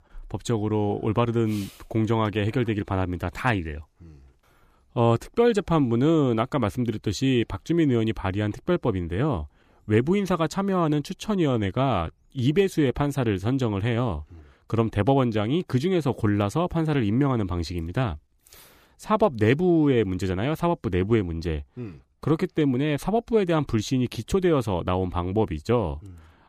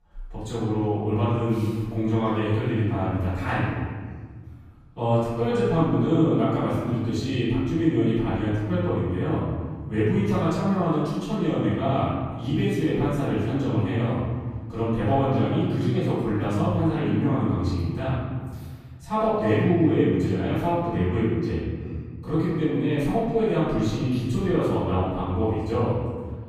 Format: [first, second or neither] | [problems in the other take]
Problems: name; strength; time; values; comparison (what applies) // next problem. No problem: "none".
first | room echo; strong; dies away in 1.7 s // off-mic speech; far